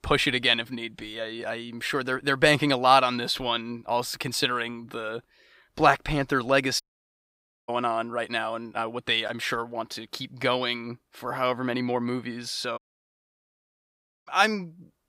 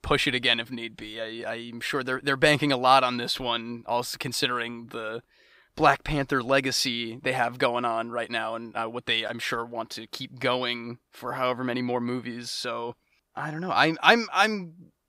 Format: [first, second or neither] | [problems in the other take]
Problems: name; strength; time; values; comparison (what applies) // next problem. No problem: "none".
second | audio cutting out; at 7 s for 1 s and at 13 s for 1.5 s